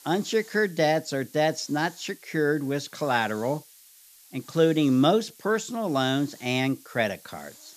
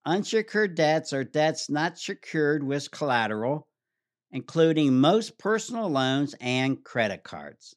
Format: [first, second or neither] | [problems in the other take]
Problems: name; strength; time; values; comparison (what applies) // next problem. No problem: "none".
second | hiss; faint; throughout; 25 dB below the speech